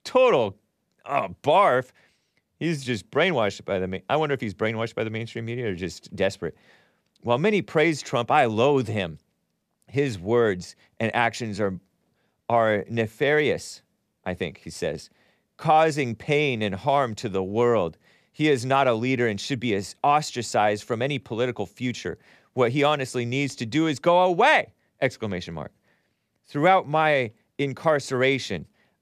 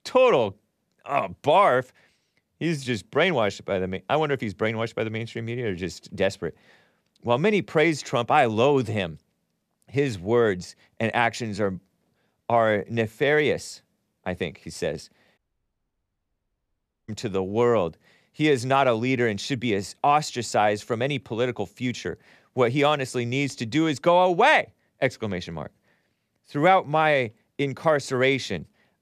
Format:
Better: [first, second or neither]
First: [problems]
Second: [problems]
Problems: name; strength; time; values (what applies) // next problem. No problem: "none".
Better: first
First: none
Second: audio cutting out; at 15 s for 1.5 s